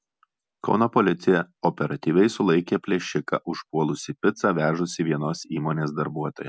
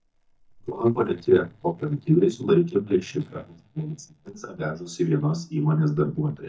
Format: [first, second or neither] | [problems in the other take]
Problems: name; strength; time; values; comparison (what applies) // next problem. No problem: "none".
first | noise reduction (neural mask model DeepFilterNet 3)